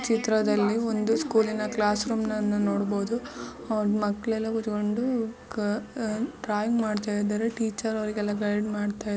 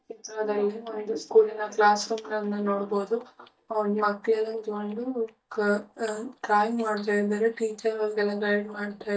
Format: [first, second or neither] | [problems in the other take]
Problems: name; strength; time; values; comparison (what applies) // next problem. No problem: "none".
first | noise reduction (neural mask model DeepFilterNet 3)